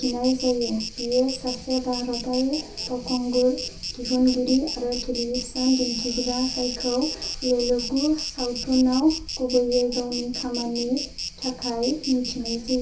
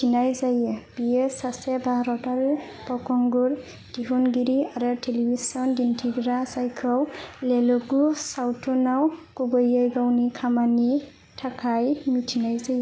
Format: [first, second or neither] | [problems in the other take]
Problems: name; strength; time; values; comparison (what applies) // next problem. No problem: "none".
second | background sound (Insect); 8 dB below the speech // room echo; dies away in 0.3 s